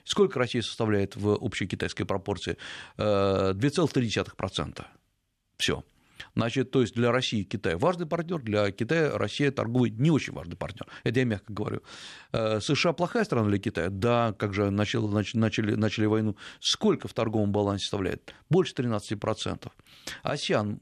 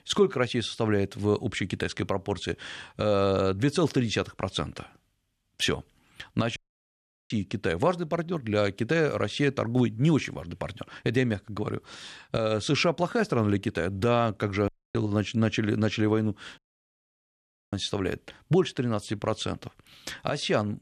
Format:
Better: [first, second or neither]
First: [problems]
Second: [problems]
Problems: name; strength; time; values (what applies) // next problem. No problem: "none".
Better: first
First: none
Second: audio cutting out; at 6.5 s for 0.5 s, at 15 s and at 17 s for 1 s